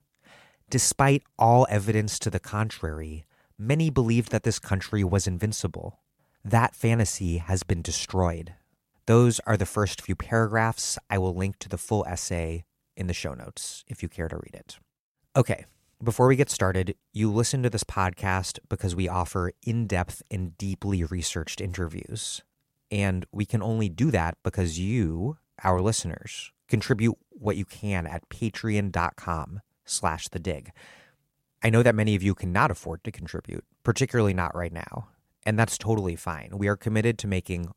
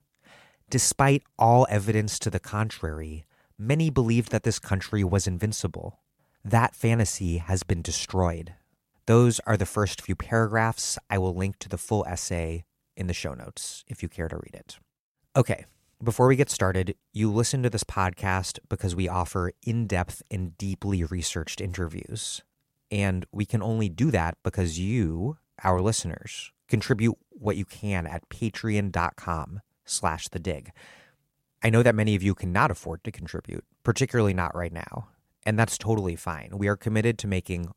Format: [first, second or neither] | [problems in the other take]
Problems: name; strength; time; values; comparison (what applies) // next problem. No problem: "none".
neither | none